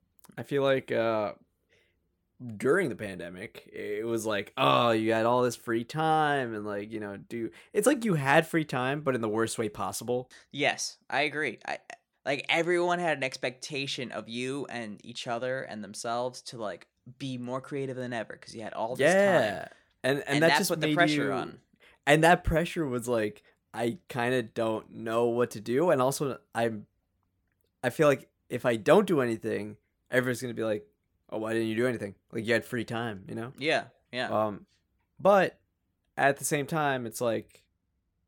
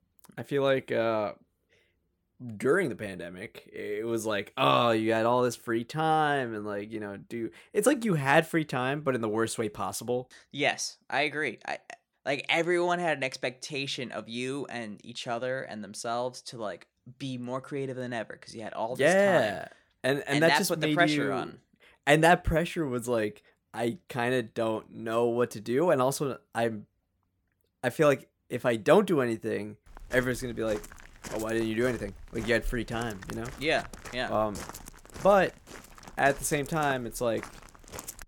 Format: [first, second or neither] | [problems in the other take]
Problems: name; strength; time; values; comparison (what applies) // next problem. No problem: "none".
first | footsteps; faint; from 30 s on; peak 15 dB below the speech